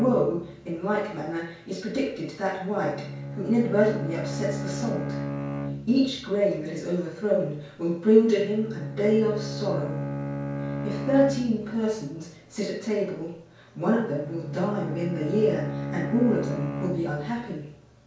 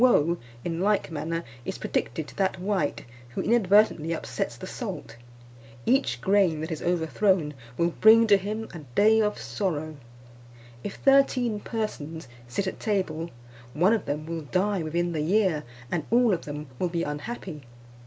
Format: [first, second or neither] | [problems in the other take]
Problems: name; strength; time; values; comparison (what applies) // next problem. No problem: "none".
second | background sound (Bowed string instrument); 8 dB below the speech // room echo; dies away in 0.5 s